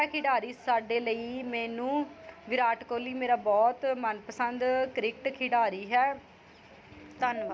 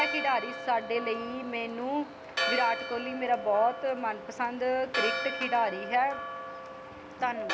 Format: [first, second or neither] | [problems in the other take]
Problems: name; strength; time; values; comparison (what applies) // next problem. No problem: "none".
first | background sound (Church bell); 5 dB below the speech